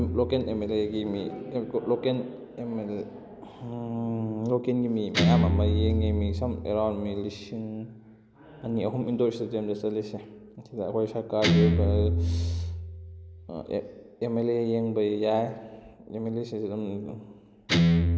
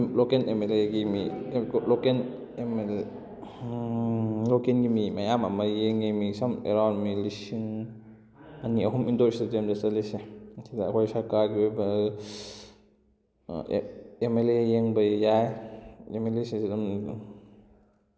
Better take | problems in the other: second | background sound (Guitar); as loud as the speech

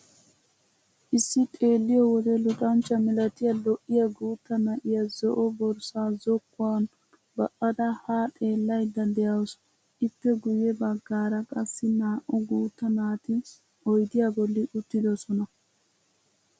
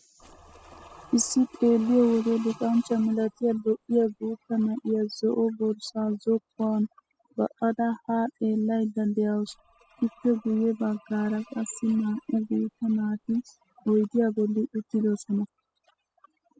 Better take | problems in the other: first | noise reduction (classical method spectral subtraction)

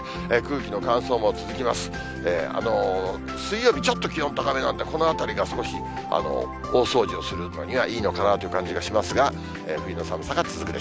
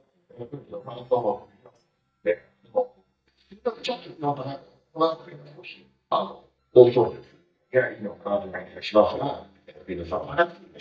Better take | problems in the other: first | noise reduction (neural mask model DeepFilterNet 3)

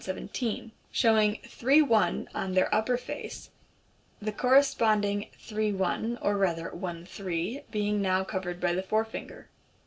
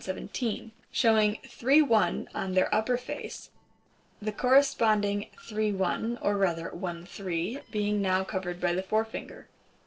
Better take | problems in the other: first | noise reduction (neural separator model SepFormer DNS4)

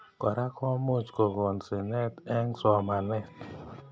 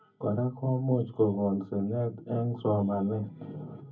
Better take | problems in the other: first | room echo; dies away in 0.3 s

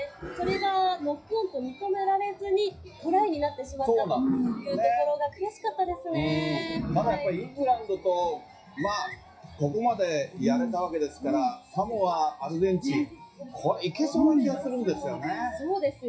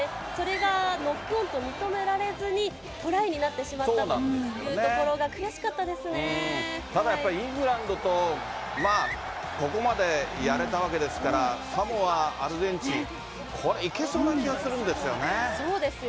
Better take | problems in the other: second | noise reduction (classical method WPE with log-MMSE)

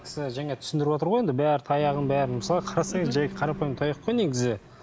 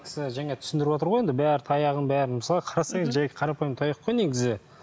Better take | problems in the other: second | background sound (Engine); 15 dB below the speech

